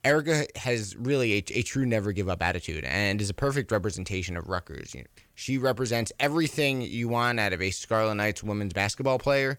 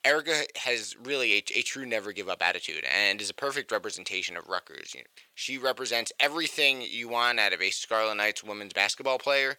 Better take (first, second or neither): first